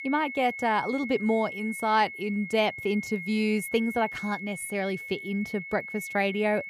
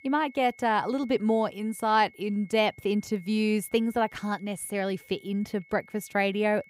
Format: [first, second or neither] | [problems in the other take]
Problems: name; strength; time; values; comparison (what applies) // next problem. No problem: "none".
second | high-pitched whine; loud; throughout; 2 kHz, 9 dB below the speech; faint in the second